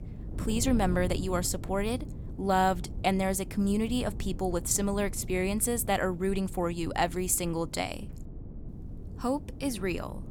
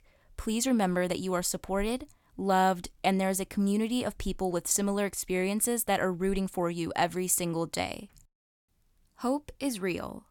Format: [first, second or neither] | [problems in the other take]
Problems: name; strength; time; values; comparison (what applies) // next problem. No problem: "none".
second | wind noise on the microphone; occasional gusts; 20 dB below the speech